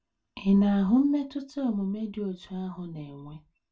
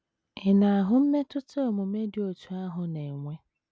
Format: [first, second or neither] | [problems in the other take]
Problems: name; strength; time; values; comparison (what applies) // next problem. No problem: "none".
second | room echo; dies away in 0.2 s